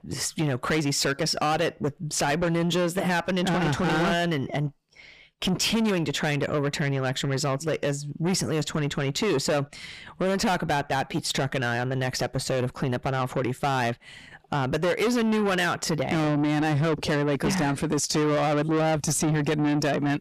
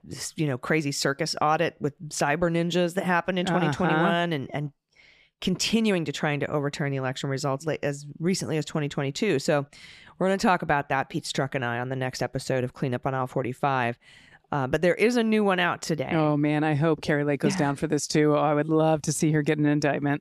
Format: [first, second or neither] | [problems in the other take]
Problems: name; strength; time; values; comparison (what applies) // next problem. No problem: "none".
second | distortion; heavy; 7 dB below the speech